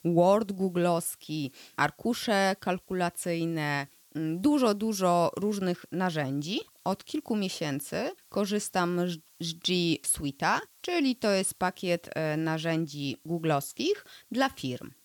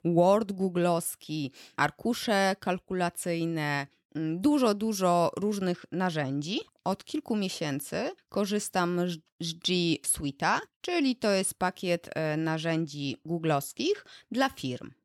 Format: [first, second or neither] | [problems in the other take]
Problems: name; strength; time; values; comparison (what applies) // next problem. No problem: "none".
second | hiss; faint; throughout; 30 dB below the speech